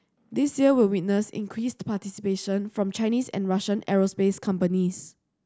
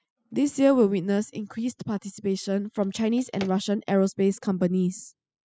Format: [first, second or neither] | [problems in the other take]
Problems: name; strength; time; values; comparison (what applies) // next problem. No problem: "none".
first | noise reduction (classical method spectral subtraction)